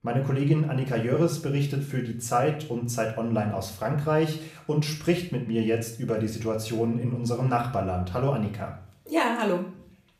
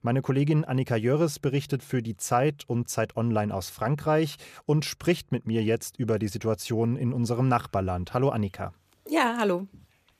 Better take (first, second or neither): second